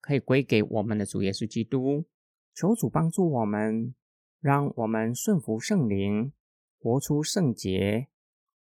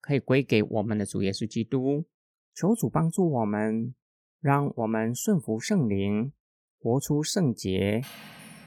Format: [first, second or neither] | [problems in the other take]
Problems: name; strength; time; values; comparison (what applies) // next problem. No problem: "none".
first | clattering dishes; faint; at 8 s; peak 15 dB below the speech